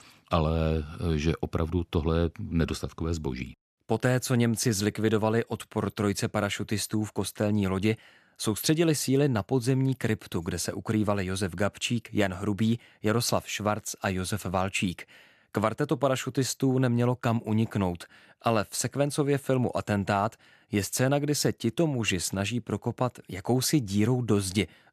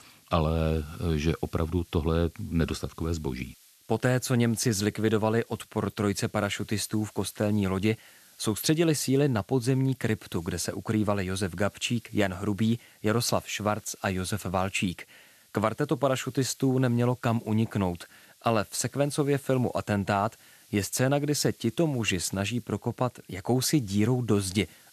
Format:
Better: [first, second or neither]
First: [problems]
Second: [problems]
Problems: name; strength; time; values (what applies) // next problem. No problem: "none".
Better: first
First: none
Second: hiss; faint; throughout; 25 dB below the speech